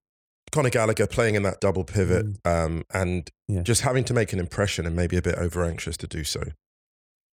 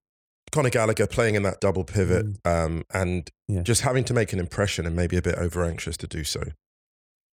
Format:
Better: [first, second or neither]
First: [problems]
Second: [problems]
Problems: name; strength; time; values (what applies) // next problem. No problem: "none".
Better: neither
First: none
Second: none